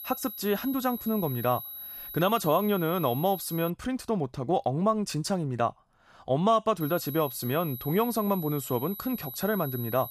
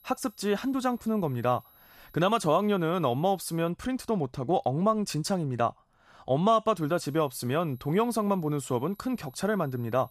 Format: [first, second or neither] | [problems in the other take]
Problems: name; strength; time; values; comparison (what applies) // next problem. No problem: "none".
second | high-pitched whine; loud; until 3.5 s and from 7 s on; 11.5 kHz, 10 dB below the speech; faint in the second